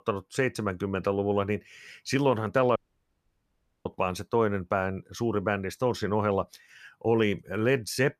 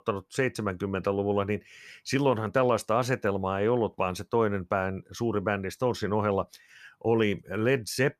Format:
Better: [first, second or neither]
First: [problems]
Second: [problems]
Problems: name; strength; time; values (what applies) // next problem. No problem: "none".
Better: second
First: audio cutting out; at 3 s for 1 s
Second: none